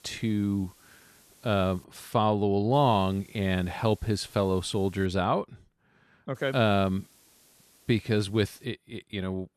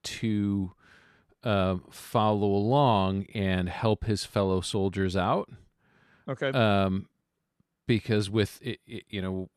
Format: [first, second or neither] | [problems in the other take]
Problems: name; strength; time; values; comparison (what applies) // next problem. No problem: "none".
second | hiss; faint; until 2 s, from 2.5 to 5 s and from 6.5 to 8.5 s; 30 dB below the speech